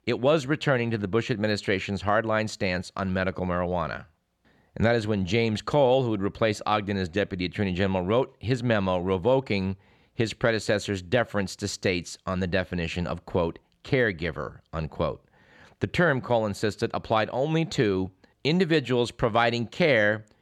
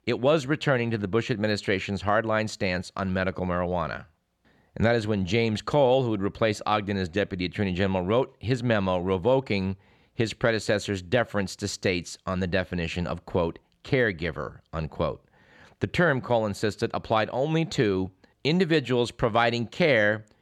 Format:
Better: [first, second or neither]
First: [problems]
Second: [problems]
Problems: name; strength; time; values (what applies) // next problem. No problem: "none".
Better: neither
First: none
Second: none